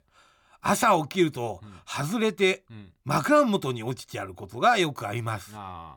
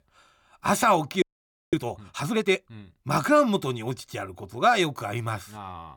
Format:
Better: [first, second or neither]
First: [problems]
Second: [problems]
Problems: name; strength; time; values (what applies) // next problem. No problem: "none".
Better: first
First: none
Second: audio freezing; at 1 s for 0.5 s